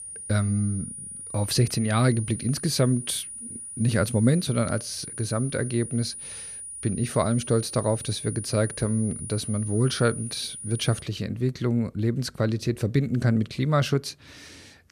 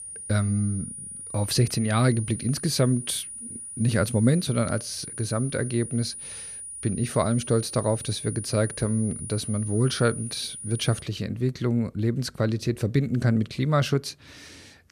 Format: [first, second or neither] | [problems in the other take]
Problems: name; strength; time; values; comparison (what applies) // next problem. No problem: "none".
neither | high-pitched whine; loud; until 11 s; 9.5 kHz, 9 dB below the speech; the same in both